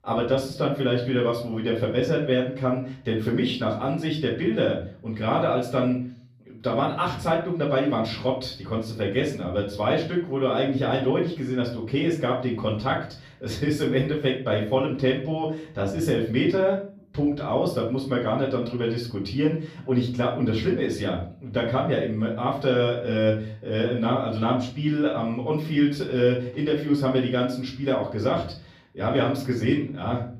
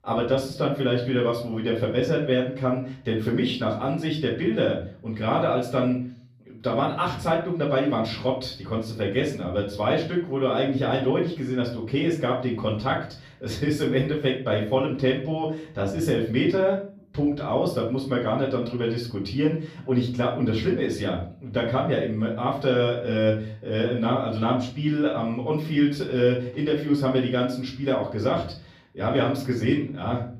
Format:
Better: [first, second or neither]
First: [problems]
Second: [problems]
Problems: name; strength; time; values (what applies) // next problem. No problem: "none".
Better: neither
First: off-mic speech; far // room echo; slight; dies away in 0.5 s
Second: off-mic speech; far // room echo; slight; dies away in 0.5 s